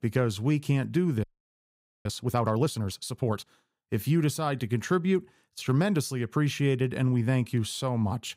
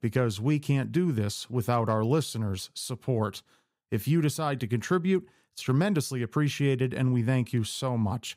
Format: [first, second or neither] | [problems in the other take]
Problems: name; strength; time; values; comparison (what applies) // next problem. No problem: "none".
second | audio freezing; at 1 s for 1 s